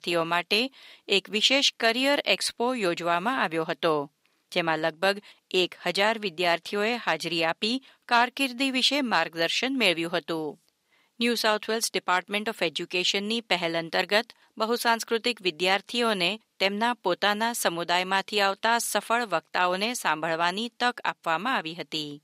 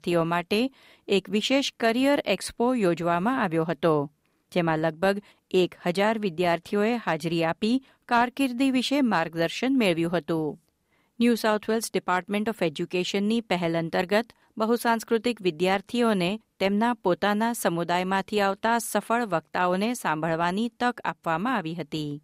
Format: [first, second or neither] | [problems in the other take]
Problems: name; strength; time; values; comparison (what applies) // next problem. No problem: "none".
second | thin; very slightly; fading below 450 Hz